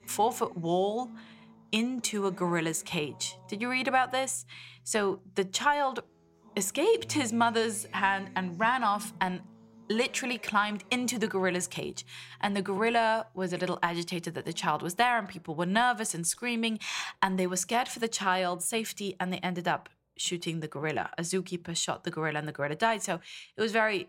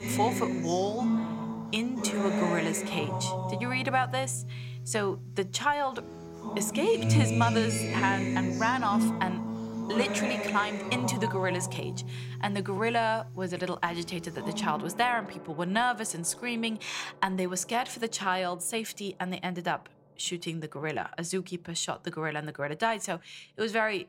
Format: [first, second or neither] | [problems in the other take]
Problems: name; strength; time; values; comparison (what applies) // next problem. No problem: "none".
first | background music; loud; throughout; 2 dB below the speech; faint in the first